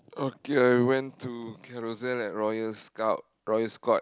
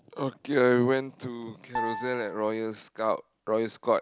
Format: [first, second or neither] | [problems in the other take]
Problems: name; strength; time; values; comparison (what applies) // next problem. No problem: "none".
first | background sound (Piano); 8 dB below the speech